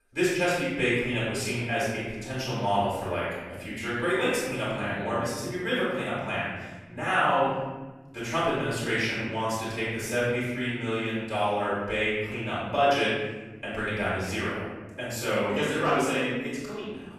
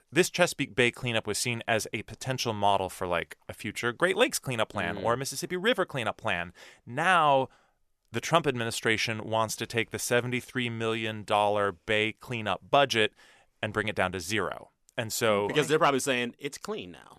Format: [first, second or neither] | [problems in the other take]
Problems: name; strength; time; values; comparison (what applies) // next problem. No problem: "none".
second | off-mic speech; far // room echo; strong; dies away in 1.5 s